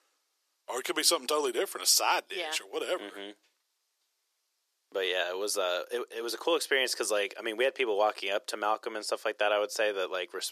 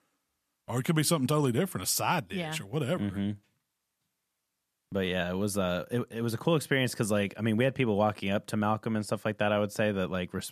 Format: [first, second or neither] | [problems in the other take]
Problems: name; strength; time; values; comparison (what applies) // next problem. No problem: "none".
second | thin; very; fading below 350 Hz